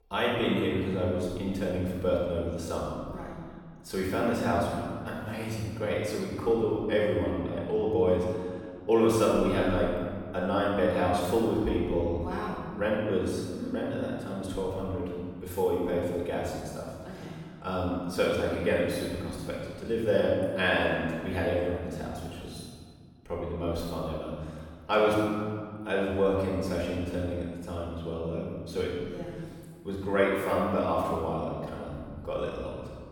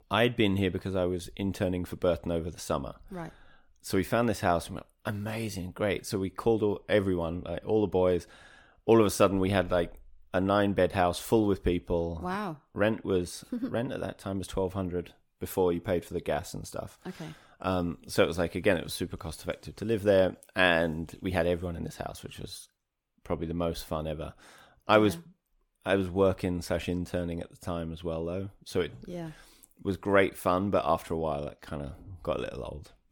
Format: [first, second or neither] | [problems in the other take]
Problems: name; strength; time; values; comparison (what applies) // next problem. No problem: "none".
second | room echo; strong; dies away in 1.7 s // off-mic speech; far